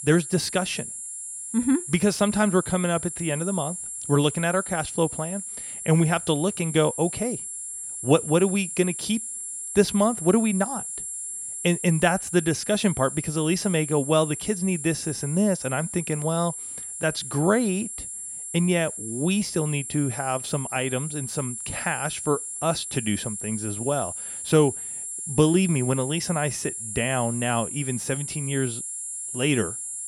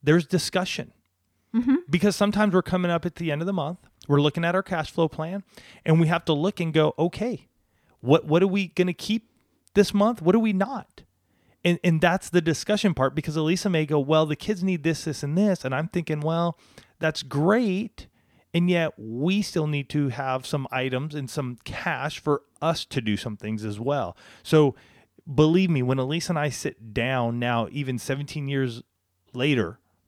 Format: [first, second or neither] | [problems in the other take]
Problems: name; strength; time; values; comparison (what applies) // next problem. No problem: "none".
second | high-pitched whine; loud; throughout; 10.5 kHz, 6 dB below the speech